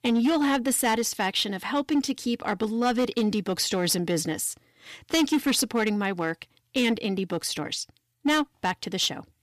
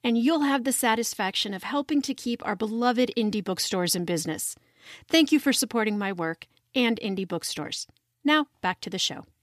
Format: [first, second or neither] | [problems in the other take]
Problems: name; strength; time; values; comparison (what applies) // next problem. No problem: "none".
second | distortion; slight; 6% of the sound clipped